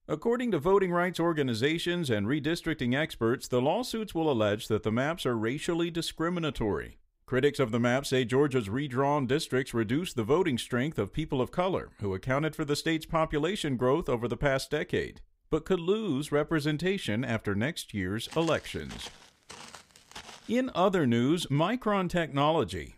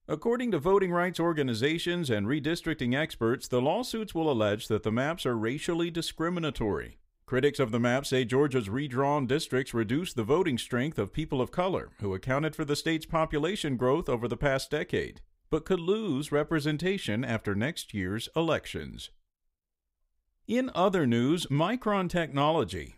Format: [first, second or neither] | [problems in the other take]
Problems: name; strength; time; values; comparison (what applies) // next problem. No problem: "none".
second | footsteps; faint; from 18 to 21 s; peak 15 dB below the speech